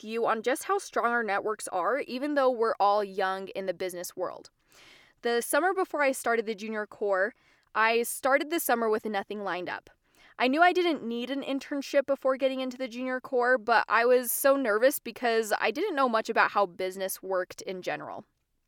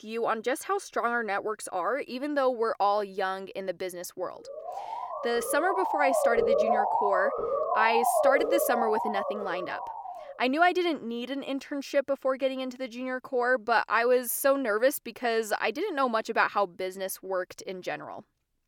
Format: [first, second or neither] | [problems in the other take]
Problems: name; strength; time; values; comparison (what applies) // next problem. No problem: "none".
first | siren; loud; from 4.5 to 10 s; peak 4 dB above the speech